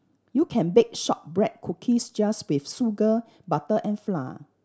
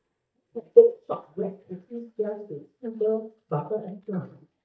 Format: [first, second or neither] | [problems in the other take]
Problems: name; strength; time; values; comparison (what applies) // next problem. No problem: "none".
first | noise reduction (neural mask model DeepFilterNet 3)